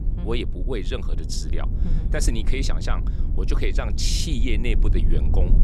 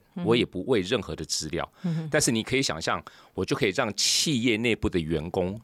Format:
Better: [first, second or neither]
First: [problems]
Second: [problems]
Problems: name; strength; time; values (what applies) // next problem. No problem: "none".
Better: second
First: low rumble; noticeable; throughout; 10 dB below the speech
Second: none